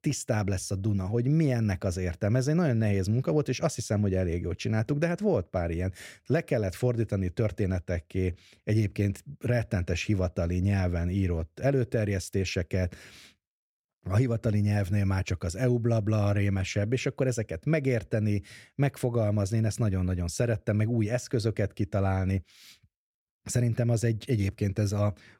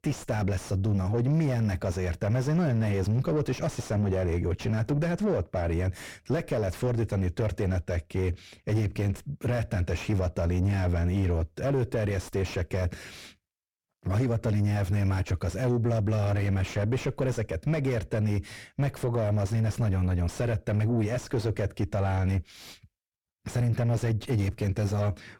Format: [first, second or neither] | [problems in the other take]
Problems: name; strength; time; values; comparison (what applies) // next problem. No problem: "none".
first | distortion; heavy; 5 dB below the speech